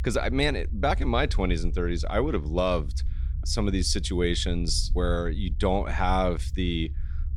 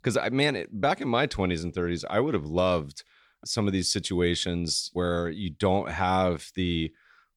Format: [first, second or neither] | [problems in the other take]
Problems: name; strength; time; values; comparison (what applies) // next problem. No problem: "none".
second | low rumble; faint; throughout; 25 dB below the speech